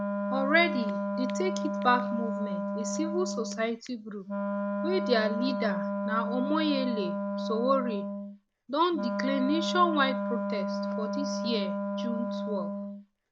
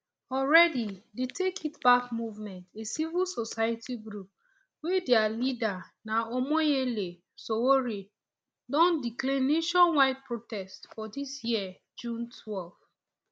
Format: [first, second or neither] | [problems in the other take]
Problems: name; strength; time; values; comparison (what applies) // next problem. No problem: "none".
second | background sound (Wind instrument, woodwind instrument); 1 dB below the speech